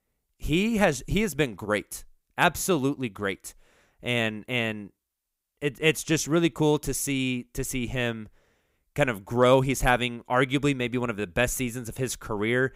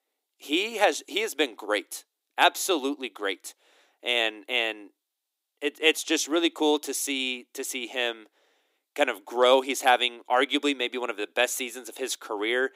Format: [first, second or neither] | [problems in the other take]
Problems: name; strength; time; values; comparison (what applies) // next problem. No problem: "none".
first | thin; somewhat; fading below 300 Hz